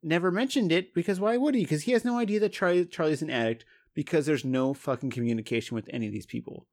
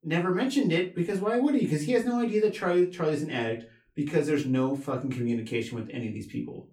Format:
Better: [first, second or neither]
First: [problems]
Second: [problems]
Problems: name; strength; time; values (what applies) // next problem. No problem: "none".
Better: first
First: none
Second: off-mic speech; far // room echo; very slight; dies away in 0.2 s